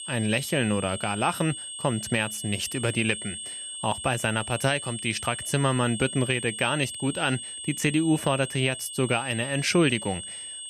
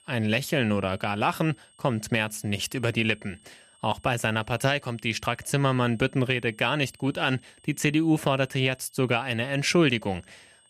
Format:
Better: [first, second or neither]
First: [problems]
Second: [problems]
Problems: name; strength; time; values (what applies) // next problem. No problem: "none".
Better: second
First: high-pitched whine; loud; throughout; 8.5 kHz, 8 dB below the speech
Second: high-pitched whine; faint; throughout; 8.5 kHz, 30 dB below the speech